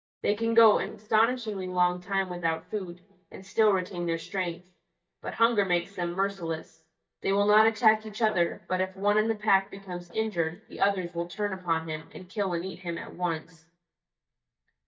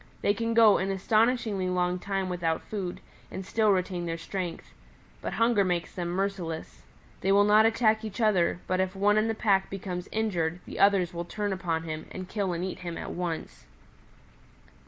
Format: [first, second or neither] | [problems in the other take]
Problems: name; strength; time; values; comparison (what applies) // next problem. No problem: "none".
second | noise reduction (neural mask model DeepFilterNet 3)